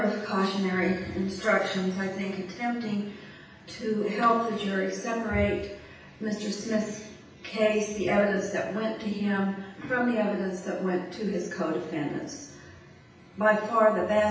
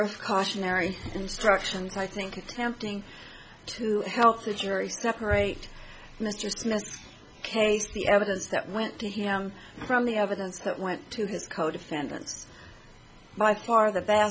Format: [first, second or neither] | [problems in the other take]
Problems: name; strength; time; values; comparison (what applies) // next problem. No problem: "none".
second | room echo; dies away in 0.9 s